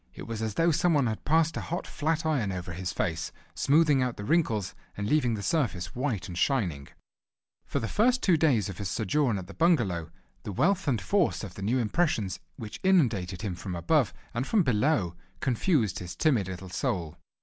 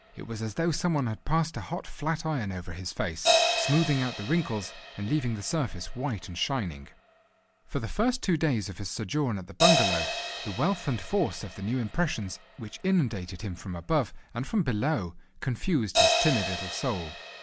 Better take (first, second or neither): first